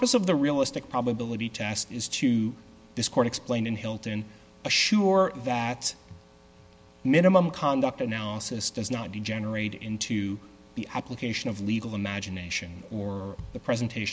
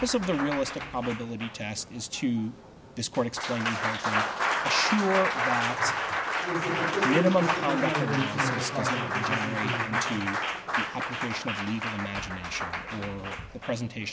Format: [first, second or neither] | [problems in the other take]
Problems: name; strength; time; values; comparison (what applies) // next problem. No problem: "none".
first | background sound (Applause); 1 dB above the speech